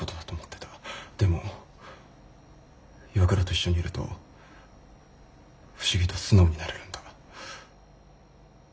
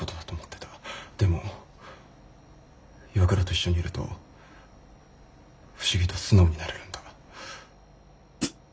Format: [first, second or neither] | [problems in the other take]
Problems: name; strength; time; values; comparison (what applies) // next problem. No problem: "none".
first | background sound (Hi-hat); 4 dB below the speech